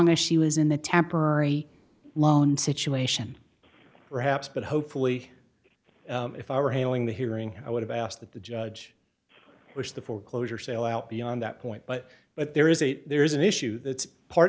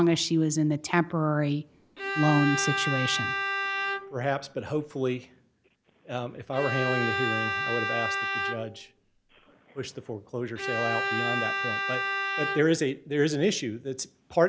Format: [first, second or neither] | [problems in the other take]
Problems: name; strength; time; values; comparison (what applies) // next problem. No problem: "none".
first | background sound (Bowed string instrument); 2 dB below the speech